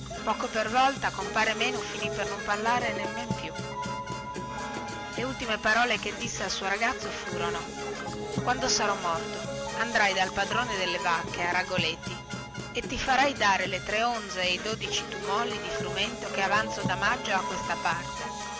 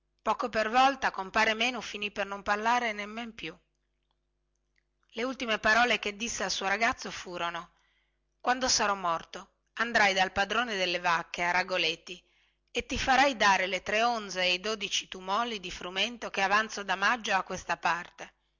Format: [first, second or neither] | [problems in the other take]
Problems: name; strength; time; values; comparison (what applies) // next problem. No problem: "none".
second | background sound (Piano + Brass instrument / Percussion); 5 dB below the speech